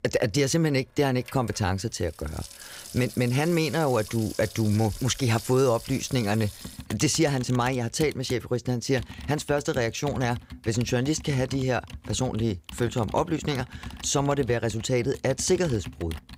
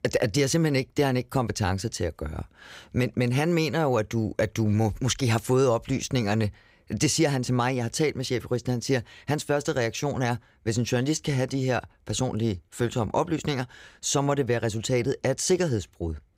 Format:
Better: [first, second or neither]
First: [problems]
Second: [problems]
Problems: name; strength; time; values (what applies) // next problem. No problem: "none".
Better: second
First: household noises; noticeable; throughout; 15 dB below the speech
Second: none